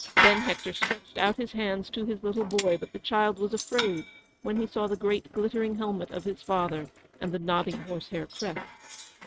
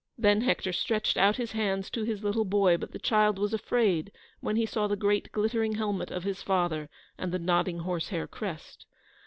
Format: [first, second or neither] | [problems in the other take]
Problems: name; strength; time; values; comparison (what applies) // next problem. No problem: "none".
second | noise reduction (neural mask model RNNoise)